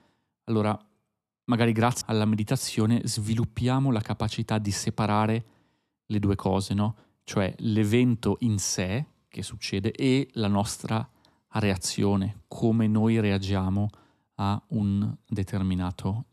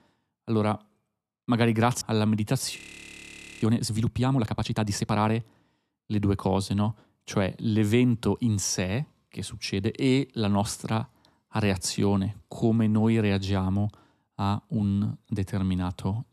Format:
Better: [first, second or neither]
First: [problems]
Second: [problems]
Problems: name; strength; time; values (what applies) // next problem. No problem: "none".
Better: first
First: none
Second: audio freezing; at 3 s for 1 s